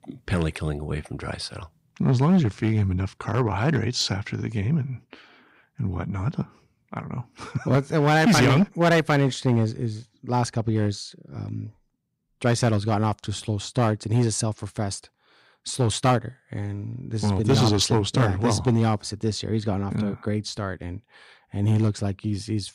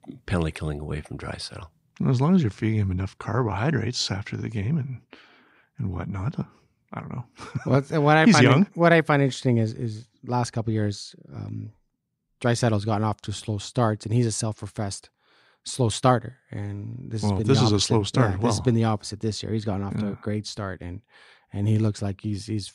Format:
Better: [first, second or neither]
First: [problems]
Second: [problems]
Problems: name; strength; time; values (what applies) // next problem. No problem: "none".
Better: second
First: distortion; slight; 3% of the sound clipped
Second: none